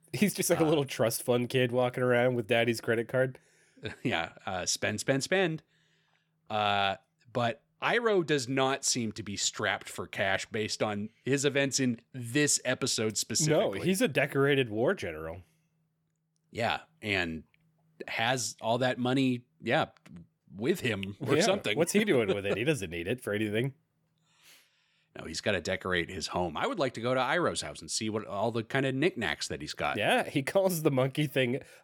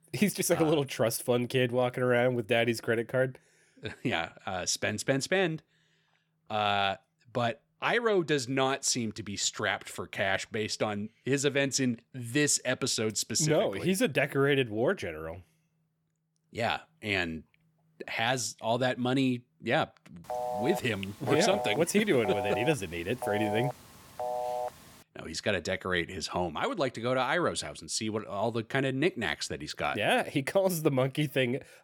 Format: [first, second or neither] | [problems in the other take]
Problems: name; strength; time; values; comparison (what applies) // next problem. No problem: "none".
first | phone ringing; noticeable; from 20 to 25 s; peak 4 dB below the speech